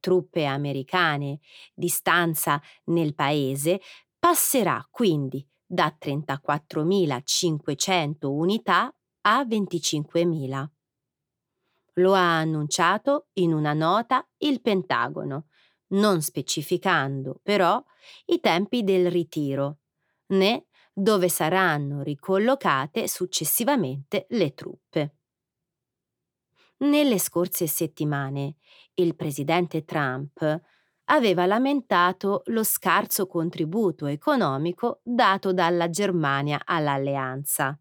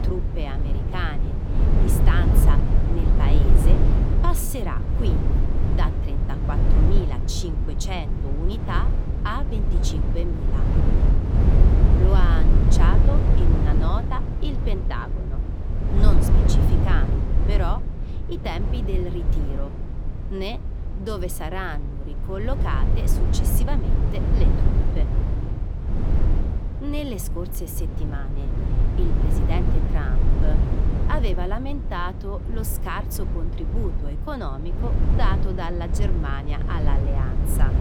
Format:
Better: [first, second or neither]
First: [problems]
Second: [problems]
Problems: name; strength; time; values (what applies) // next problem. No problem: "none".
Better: first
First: none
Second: low rumble; loud; throughout; 2 dB below the speech